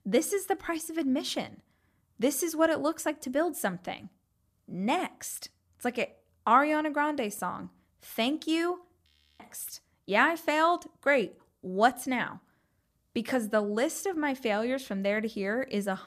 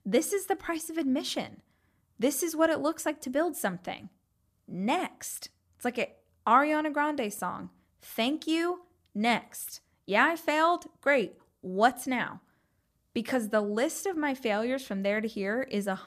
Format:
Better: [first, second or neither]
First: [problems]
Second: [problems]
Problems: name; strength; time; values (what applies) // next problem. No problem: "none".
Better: second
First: audio freezing; at 9 s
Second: none